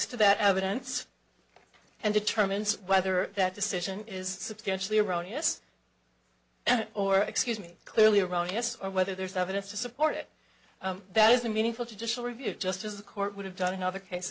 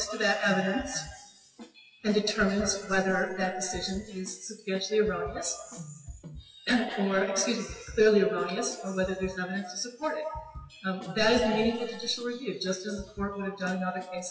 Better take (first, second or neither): first